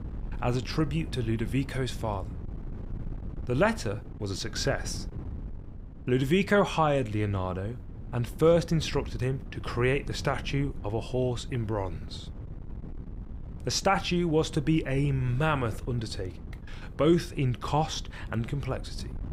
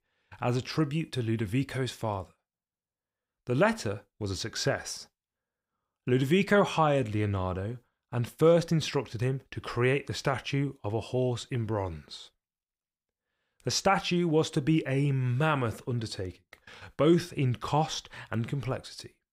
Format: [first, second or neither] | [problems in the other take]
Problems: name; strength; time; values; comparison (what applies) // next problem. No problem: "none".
second | wind noise on the microphone; occasional gusts; 20 dB below the speech